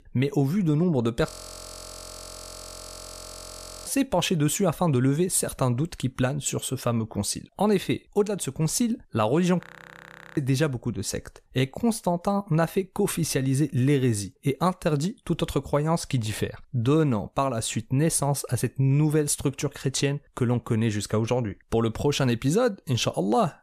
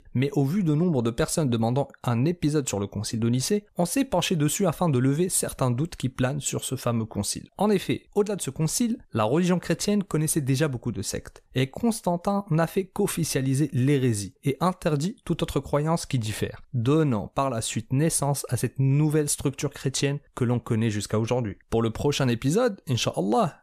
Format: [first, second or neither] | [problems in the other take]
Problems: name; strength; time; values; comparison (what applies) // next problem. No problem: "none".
second | audio freezing; at 1.5 s for 2.5 s and at 9.5 s for 0.5 s